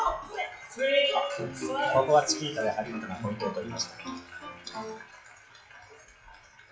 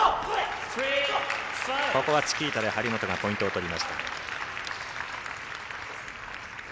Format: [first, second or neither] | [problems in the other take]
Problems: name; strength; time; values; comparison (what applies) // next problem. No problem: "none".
second | noise reduction (classical method WPE with log-MMSE)